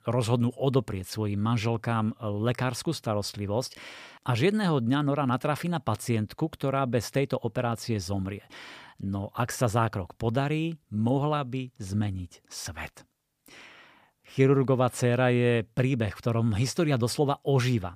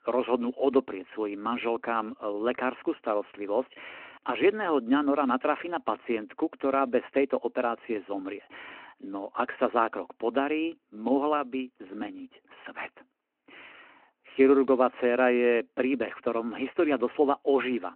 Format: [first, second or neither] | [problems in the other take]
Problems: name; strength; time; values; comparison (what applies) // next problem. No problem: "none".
first | phone-call audio